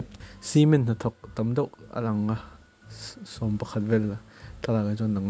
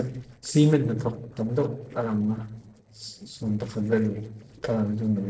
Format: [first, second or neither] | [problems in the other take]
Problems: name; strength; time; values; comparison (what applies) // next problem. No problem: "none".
first | noise reduction (neural separator model SepFormer DNS4)